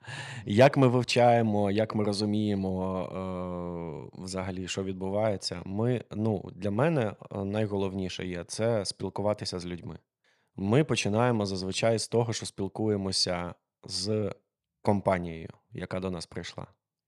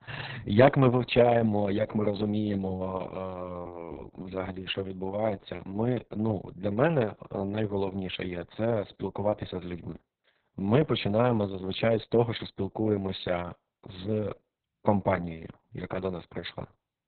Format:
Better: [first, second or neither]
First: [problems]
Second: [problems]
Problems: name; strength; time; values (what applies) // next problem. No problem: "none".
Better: first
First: none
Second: garbled, watery; badly; nothing above 4 kHz